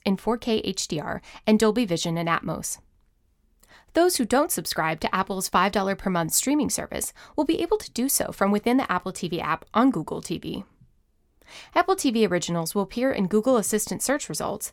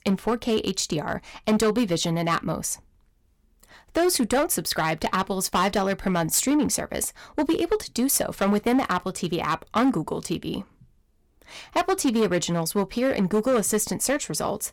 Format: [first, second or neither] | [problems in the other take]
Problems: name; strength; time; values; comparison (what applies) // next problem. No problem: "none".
first | distortion; slight; 7% of the sound clipped